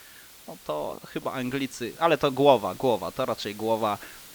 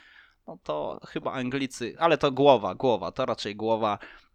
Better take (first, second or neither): second